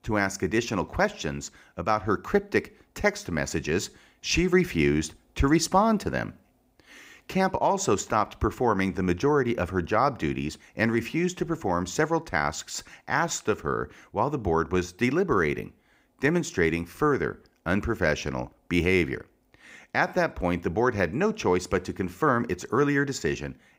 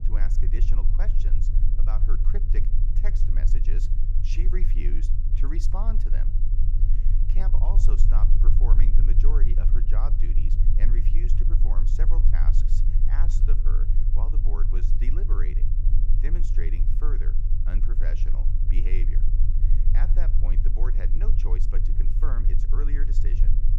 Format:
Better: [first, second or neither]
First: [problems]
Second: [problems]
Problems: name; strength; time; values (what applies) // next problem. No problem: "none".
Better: first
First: none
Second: low rumble; loud; throughout; 4 dB below the speech